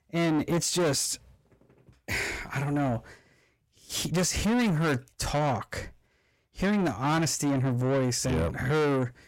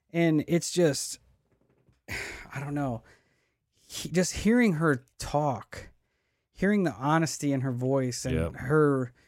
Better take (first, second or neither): second